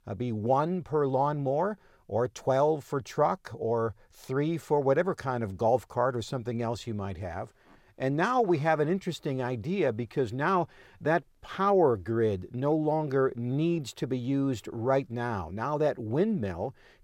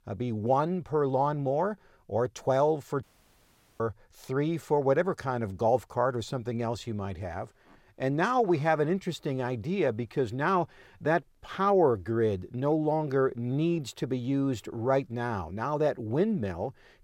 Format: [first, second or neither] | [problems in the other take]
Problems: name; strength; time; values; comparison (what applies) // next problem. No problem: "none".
first | audio cutting out; at 3 s for 1 s